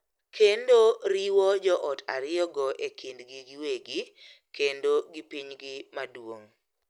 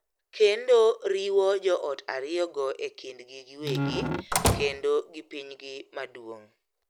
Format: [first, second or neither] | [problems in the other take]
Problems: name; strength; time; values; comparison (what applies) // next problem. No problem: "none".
first | background sound (Squeak / Slam / Wood); 1 dB below the speech